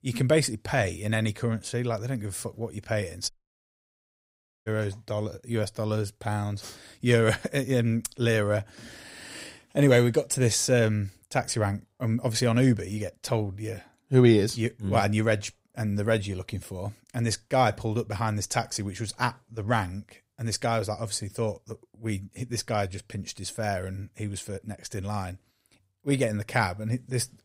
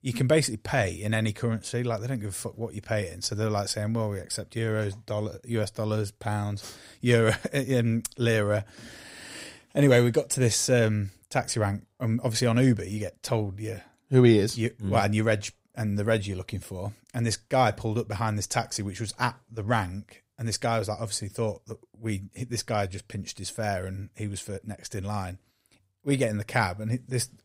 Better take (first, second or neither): second